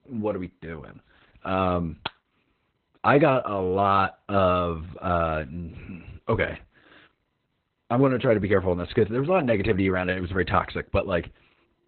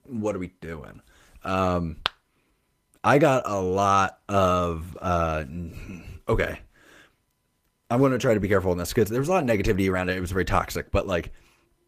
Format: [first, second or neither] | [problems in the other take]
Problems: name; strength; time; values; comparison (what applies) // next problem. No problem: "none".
second | garbled, watery; badly; nothing above 4 kHz; slightly in the second